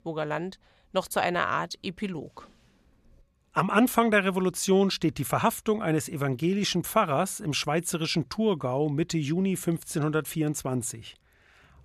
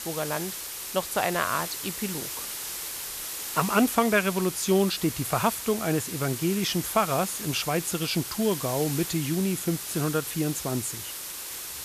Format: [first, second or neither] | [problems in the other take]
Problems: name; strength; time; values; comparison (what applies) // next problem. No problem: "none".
first | hiss; loud; throughout; 6 dB below the speech